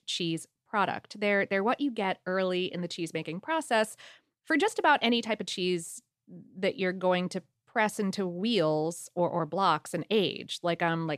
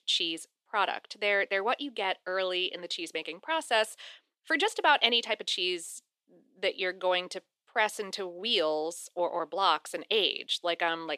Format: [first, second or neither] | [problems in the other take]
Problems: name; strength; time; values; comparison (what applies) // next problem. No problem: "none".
first | thin; somewhat; fading below 350 Hz